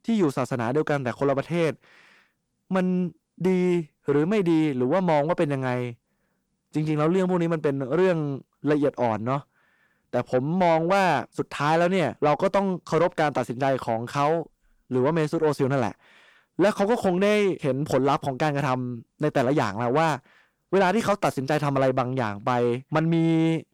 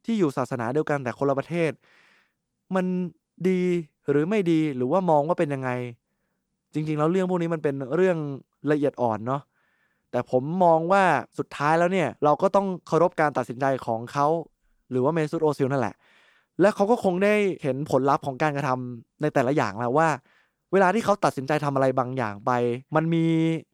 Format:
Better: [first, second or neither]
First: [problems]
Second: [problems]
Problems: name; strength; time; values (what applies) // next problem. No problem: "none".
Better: second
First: distortion; slight; 10 dB below the speech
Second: none